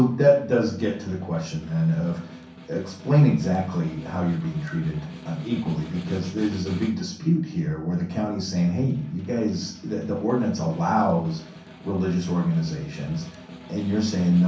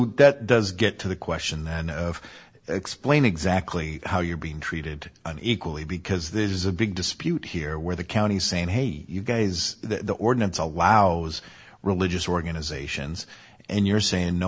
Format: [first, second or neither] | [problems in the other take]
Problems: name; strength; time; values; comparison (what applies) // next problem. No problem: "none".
second | background sound (Snare drum); 18 dB below the speech // room echo; dies away in 0.6 s